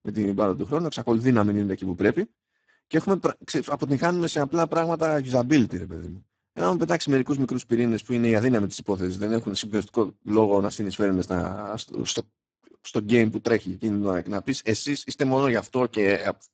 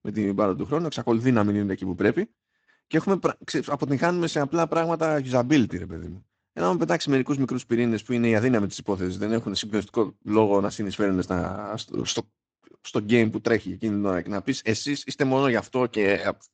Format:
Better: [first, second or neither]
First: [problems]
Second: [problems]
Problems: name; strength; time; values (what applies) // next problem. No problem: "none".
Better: second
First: garbled, watery; badly; nothing above 7.5 kHz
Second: garbled, watery; slightly; nothing above 7.5 kHz